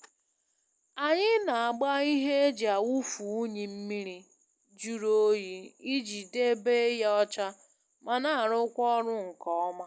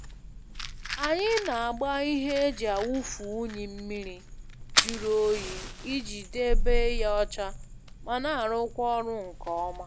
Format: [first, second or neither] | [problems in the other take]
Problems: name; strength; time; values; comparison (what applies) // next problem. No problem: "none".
first | background sound (Fire); 2 dB below the speech